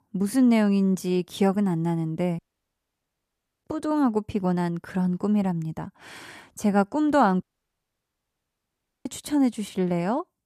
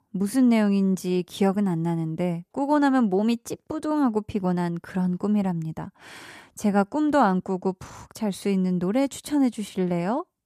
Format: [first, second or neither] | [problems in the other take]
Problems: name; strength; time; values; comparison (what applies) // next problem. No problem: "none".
second | audio cutting out; at 2.5 s for 1.5 s and at 7.5 s for 1.5 s